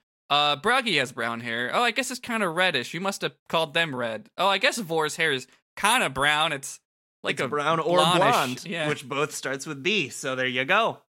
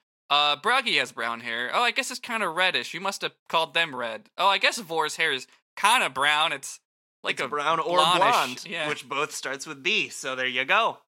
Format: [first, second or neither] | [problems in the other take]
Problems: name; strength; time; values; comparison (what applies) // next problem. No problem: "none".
first | thin; very slightly; fading below 300 Hz